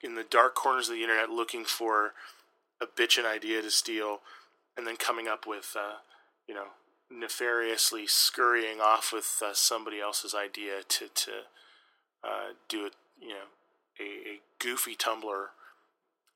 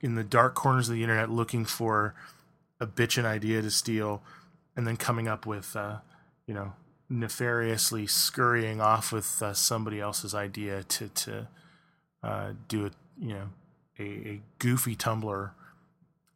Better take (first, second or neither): second